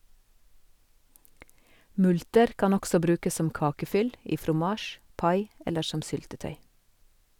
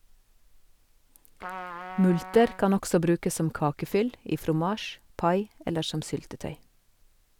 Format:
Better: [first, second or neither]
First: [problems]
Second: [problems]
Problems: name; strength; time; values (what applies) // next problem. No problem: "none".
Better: first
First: none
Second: background sound (Trumpet); 13 dB below the speech